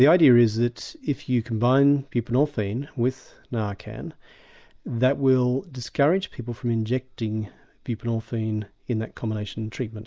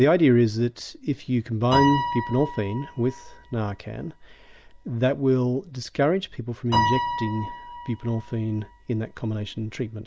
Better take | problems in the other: first | background sound (Piano); 7 dB below the speech

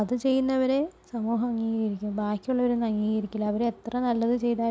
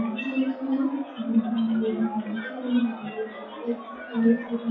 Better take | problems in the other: first | noise reduction (classical method WPE with log-MMSE)

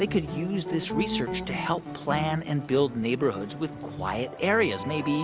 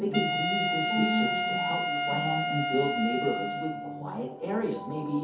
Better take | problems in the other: first | background sound (Wind instrument, woodwind instrument); as loud as the speech // room echo; dies away in 0.5 s

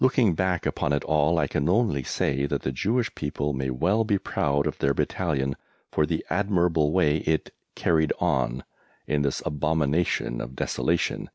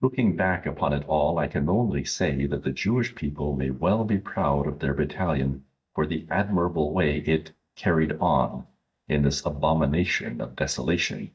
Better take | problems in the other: first | noise reduction (neural mask model DeepFilterNet 3)

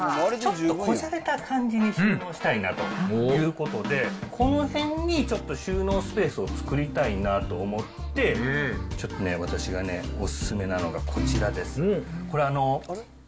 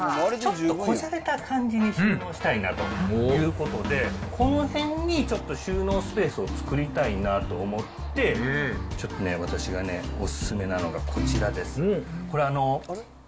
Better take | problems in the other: first | background sound (Train); 15 dB below the speech

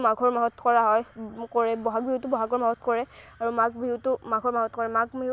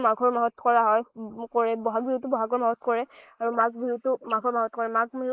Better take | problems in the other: first | noise reduction (neural mask model Resemble Enhance denoiser)

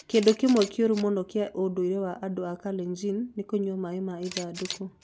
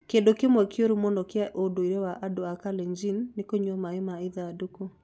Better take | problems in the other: second | background sound (Camera); 16 dB below the speech

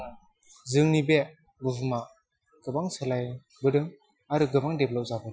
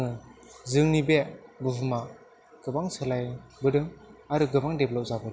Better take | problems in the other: second | noise reduction (classical method Wiener filter)

